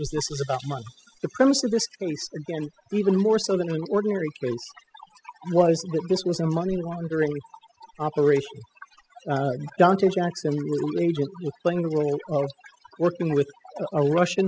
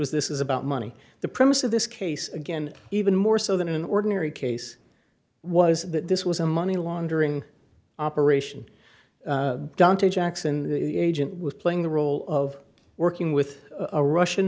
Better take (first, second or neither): second